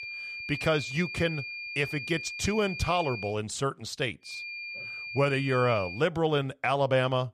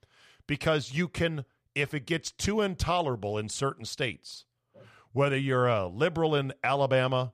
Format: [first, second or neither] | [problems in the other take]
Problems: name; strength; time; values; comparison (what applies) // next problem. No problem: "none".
second | high-pitched whine; loud; until 3.5 s and from 4.5 to 6 s; 2.5 kHz, 8 dB below the speech